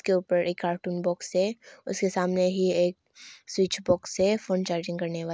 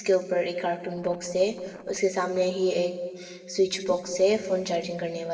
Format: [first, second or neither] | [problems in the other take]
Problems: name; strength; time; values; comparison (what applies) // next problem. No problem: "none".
first | noise reduction (neural separator model SepFormer DNS4)